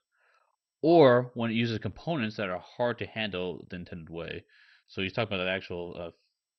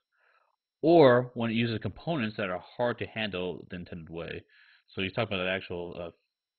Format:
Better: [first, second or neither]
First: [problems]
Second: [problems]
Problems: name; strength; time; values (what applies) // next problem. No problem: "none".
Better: first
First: garbled, watery; slightly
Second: garbled, watery; badly; nothing above 4 kHz